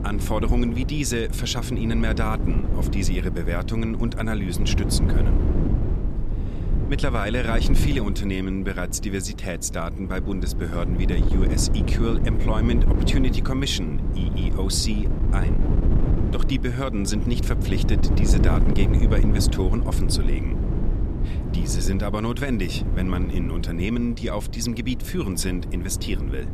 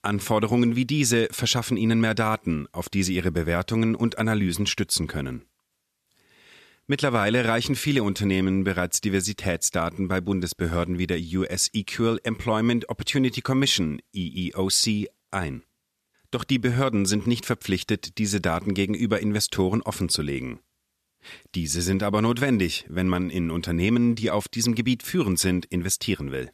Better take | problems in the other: second | wind noise on the microphone; heavy; 6 dB below the speech

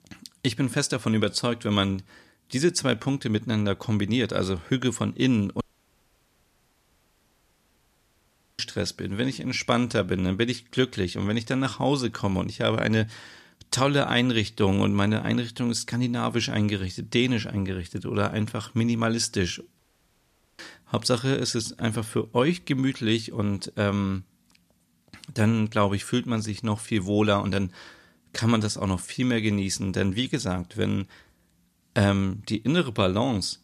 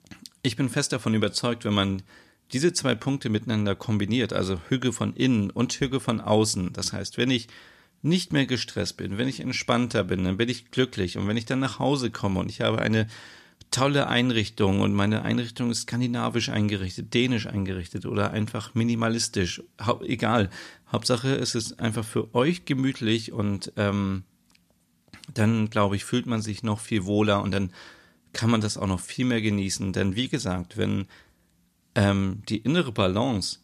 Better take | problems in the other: second | audio cutting out; at 5.5 s for 3 s and at 20 s for 1 s

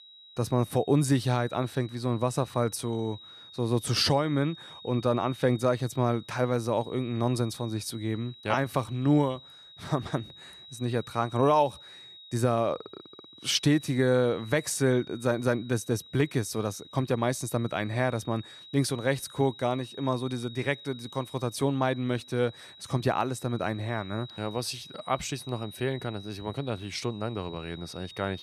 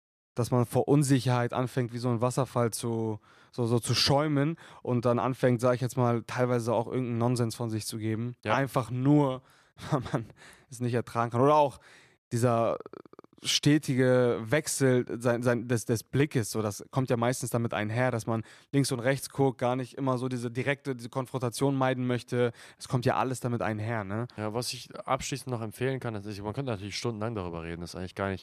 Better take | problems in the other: second | high-pitched whine; noticeable; throughout; 4 kHz, 20 dB below the speech

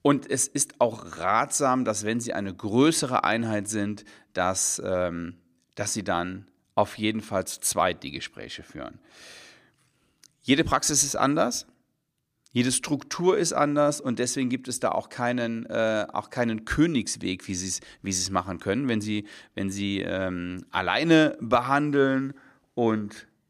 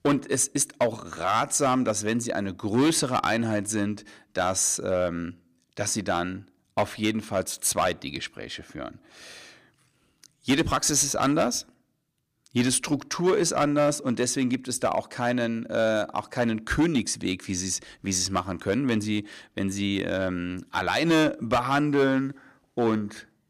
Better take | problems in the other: first | distortion; slight; 4% of the sound clipped

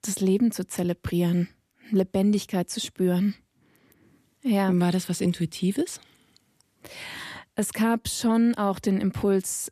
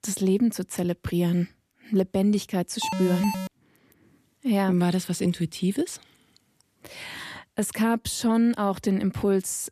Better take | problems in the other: first | alarm; noticeable; at 3 s; peak 3 dB below the speech

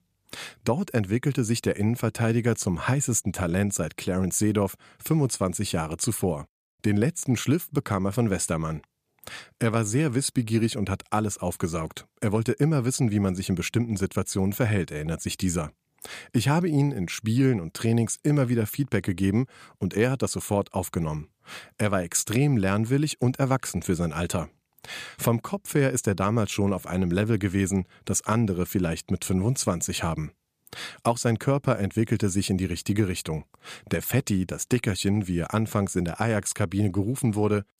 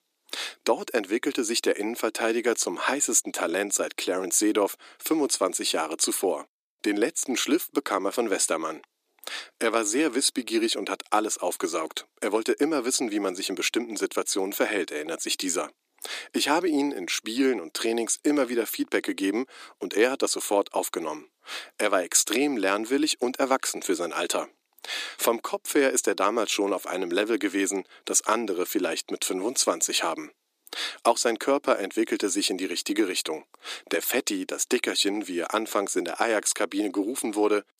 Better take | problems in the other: first | thin; somewhat; fading below 300 Hz

